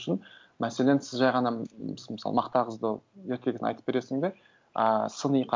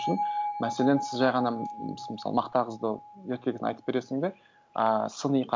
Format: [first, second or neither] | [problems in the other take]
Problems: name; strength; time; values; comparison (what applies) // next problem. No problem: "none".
first | background sound (Bell); 9 dB below the speech